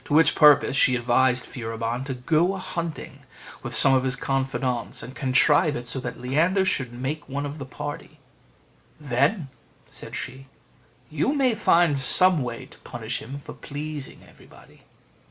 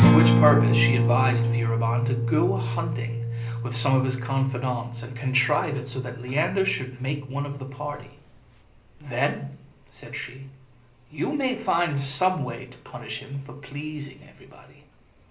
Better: first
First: none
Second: background sound (Acoustic guitar); 1 dB above the speech // room echo; dies away in 0.5 s

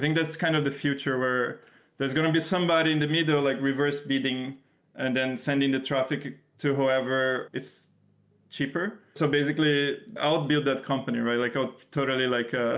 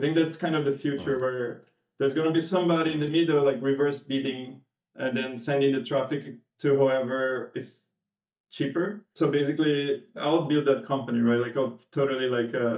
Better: first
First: none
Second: noise reduction (neural mask model DeepFilterNet 3)

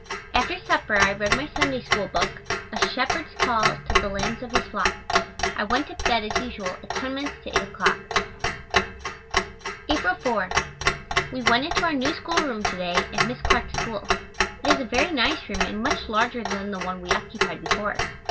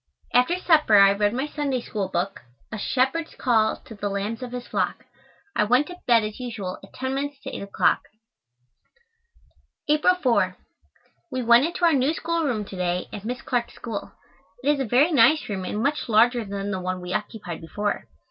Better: second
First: background sound (Clock); 1 dB above the speech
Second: none

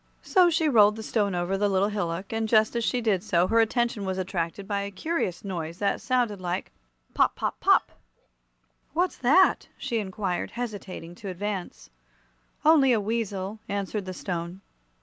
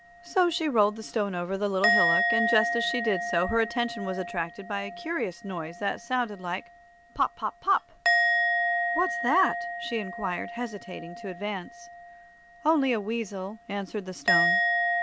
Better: first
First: none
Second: background sound (Musical instrument); 1 dB below the speech

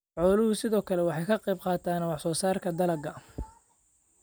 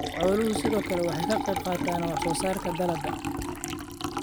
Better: first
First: none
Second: background sound (Liquid); 2 dB below the speech

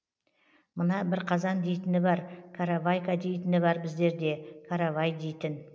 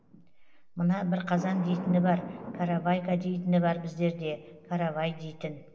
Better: first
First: none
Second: background sound (Thunder); 14 dB below the speech // room echo; dies away in 0.7 s

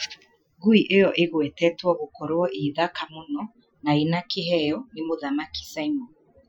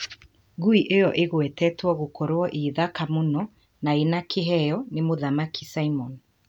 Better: second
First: noise reduction (classical method Wiener filter)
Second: none

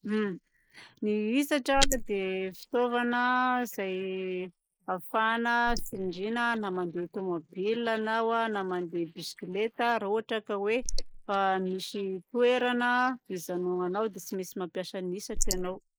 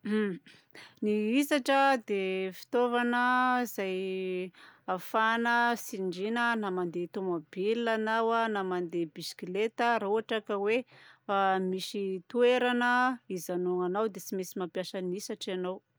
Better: second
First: noise reduction (neural mask model Resemble Enhance denoiser)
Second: none

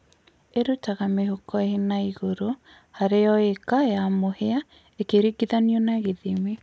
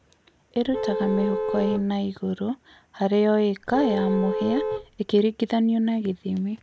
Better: first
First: none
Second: background sound (Vehicle horn, car horn, honking); 4 dB below the speech

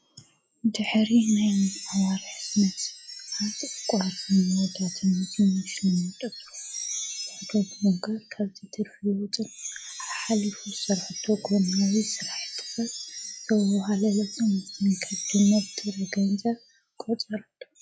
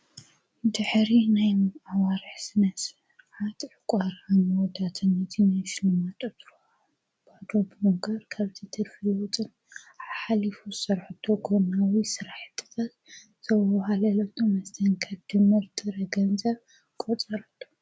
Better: second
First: noise reduction (classical method log-MMSE)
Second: none

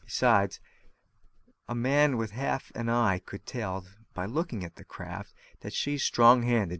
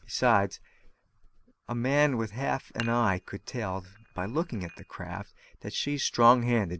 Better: first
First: none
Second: background sound (Dishes, pots, and pans); 18 dB below the speech

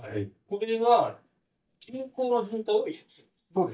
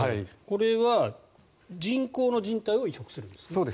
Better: second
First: noise reduction (neural mask model DeepFilterNet 3)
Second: none

